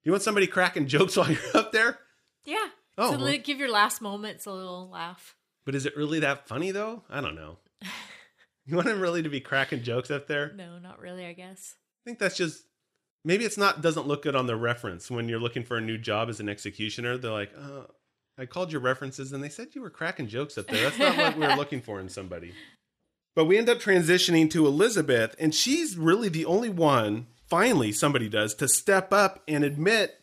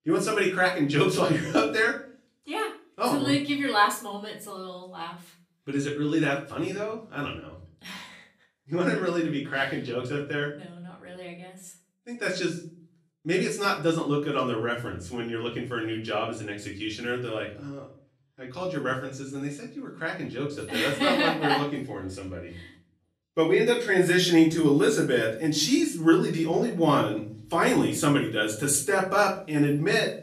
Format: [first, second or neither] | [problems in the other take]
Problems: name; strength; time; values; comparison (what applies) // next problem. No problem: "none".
first | off-mic speech; far // room echo; slight; dies away in 0.4 s